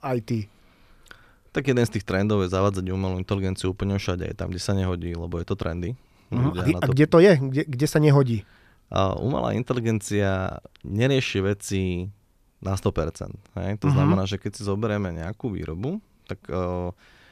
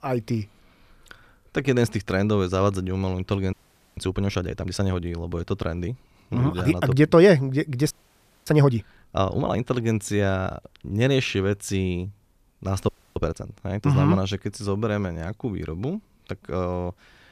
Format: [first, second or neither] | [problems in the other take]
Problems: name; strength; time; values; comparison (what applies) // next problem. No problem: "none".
first | audio freezing; at 3.5 s, at 8 s for 0.5 s and at 13 s